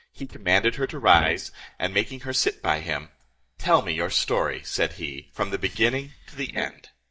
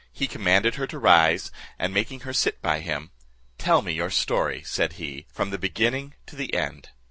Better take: second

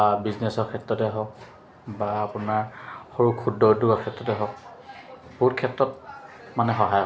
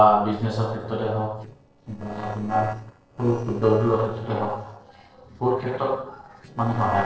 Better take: first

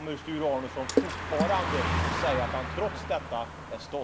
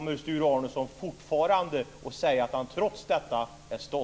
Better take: second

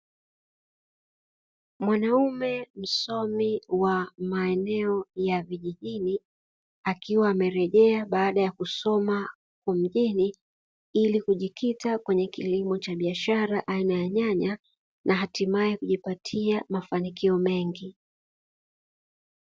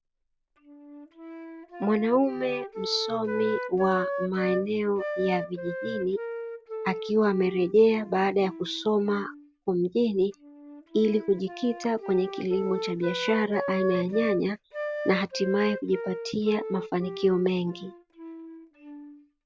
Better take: first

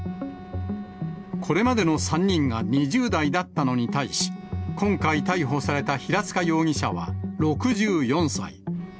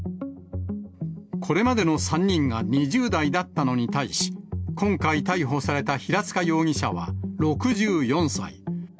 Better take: second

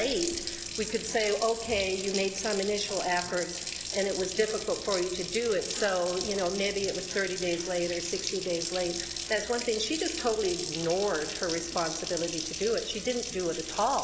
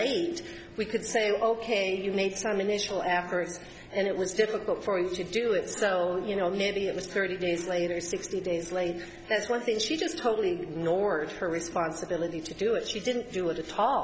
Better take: second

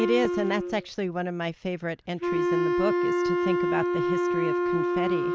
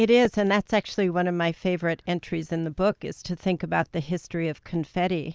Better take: second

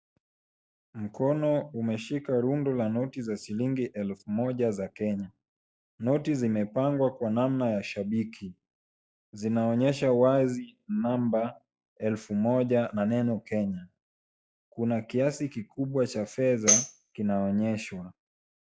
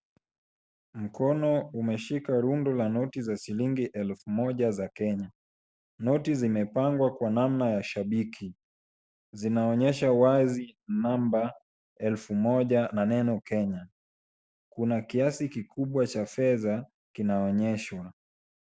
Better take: second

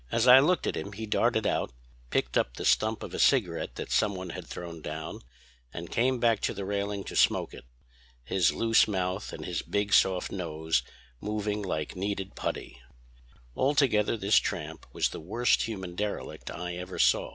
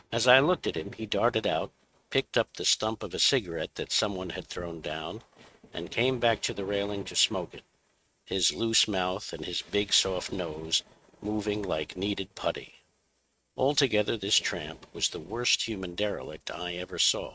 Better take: first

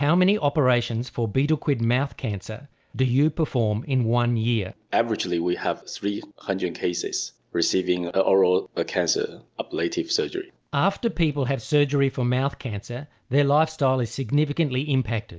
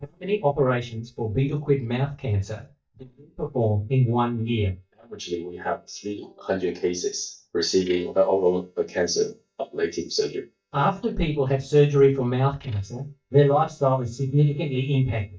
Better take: first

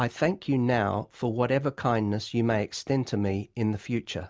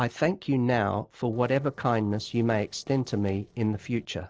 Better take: first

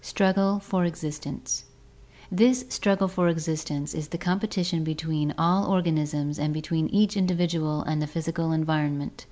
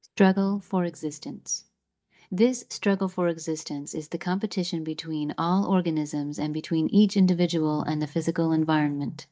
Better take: first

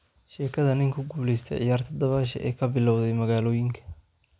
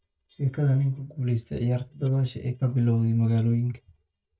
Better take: first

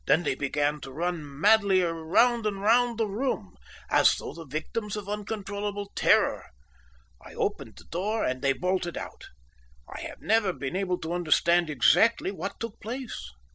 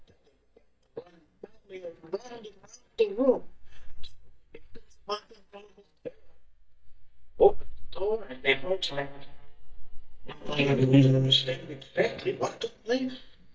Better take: first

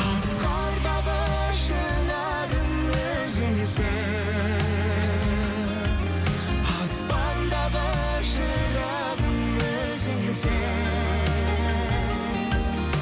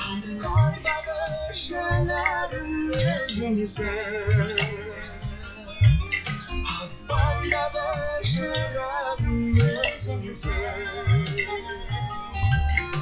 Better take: first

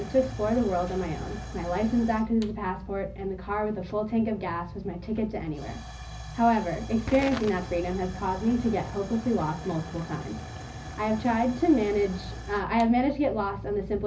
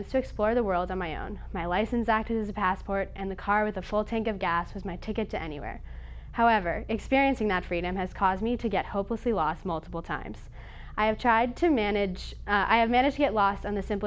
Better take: second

